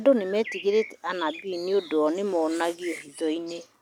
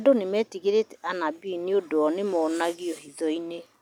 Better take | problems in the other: second | background sound (Bird); 18 dB below the speech

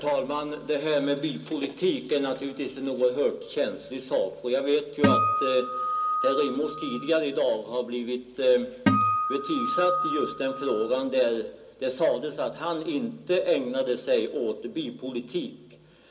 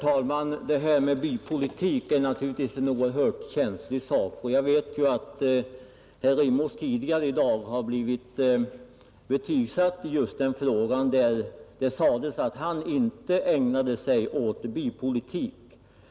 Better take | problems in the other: second | background sound (Acoustic guitar); 1 dB above the speech // room echo; dies away in 0.2 s

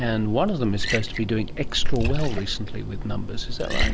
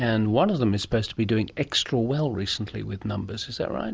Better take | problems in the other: second | background sound (Liquid); 2 dB above the speech

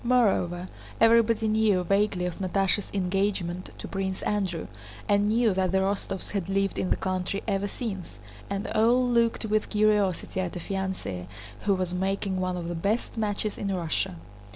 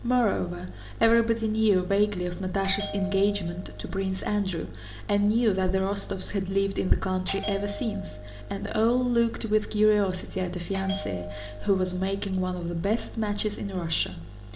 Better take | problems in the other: first | background sound (Bell); 15 dB below the speech // room echo; dies away in 1.5 s

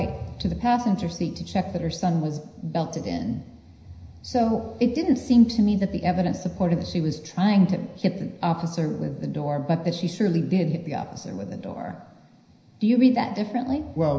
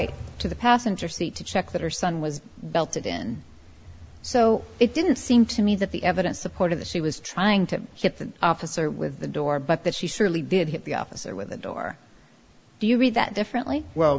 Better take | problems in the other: second | room echo; dies away in 0.9 s

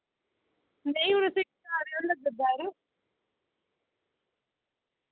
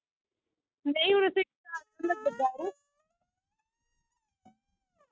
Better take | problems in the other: first | noise reduction (neural mask model RNNoise)

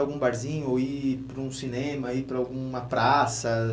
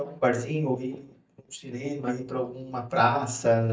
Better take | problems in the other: first | noise reduction (neural mask model DeepFilterNet 3)

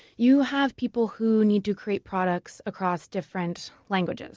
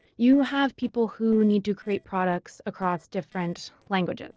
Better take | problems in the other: first | noise reduction (neural separator model SepFormer DNS4)

